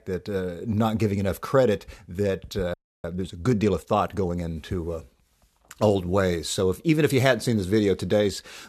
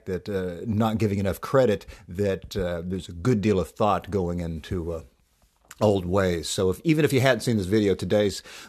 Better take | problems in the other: second | audio freezing; at 2.5 s

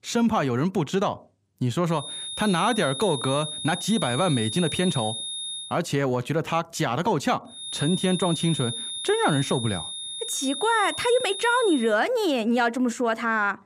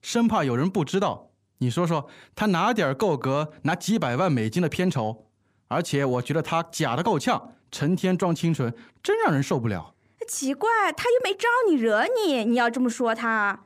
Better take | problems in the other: second | high-pitched whine; loud; from 2 to 5.5 s and from 7.5 to 12 s; 3.5 kHz, 6 dB below the speech

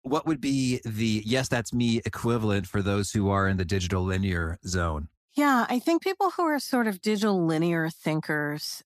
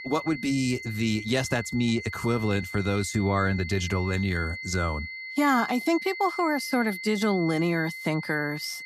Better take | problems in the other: first | high-pitched whine; loud; throughout; 2 kHz, 9 dB below the speech

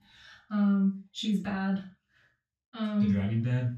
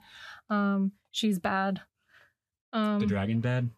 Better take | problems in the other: second | room echo; noticeable; dies away in 0.3 s // off-mic speech; far

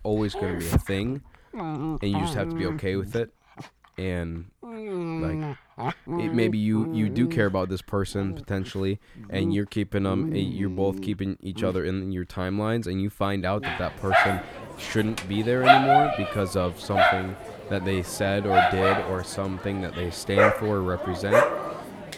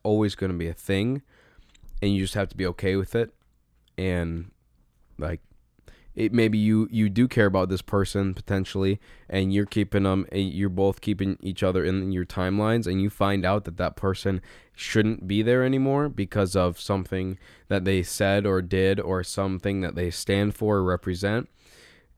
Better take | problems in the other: second | animal sounds; very loud; throughout; 2 dB above the speech

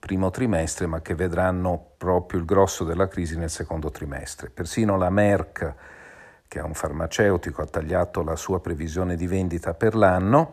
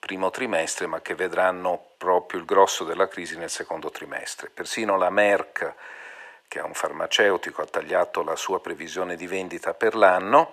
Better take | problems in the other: first | thin; very; fading below 450 Hz

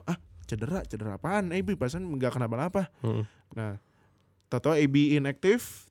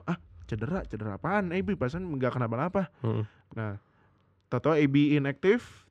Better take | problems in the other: first | muffled; slightly; fading above 3.5 kHz

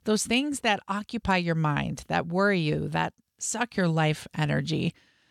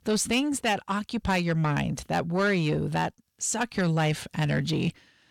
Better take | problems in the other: first | distortion; slight; 10 dB below the speech

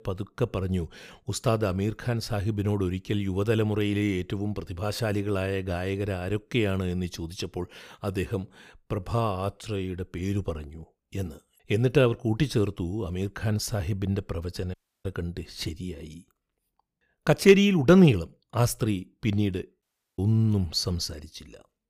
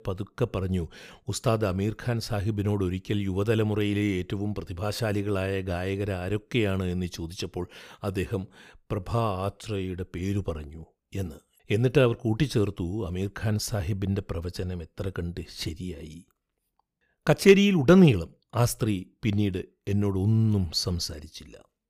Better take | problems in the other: second | audio cutting out; at 15 s and at 20 s

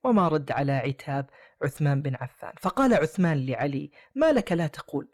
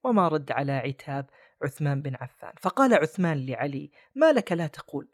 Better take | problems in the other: second | distortion; slight; 10 dB below the speech

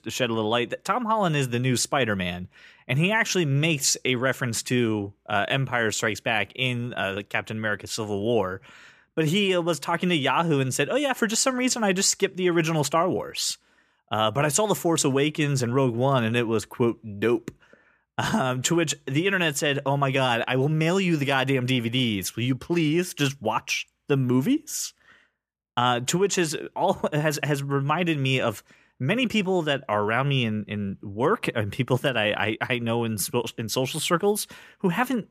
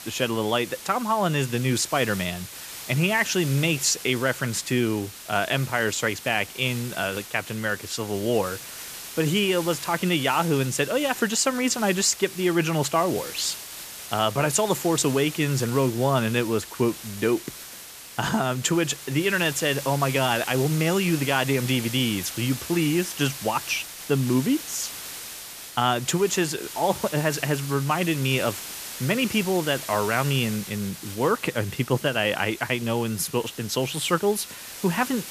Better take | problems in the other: first | hiss; noticeable; throughout; 10 dB below the speech

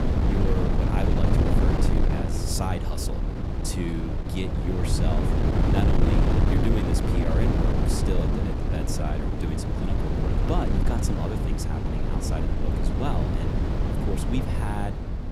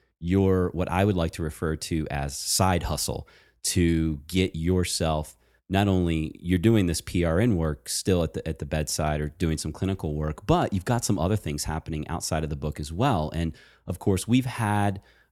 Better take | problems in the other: second | wind noise on the microphone; heavy; 3 dB above the speech

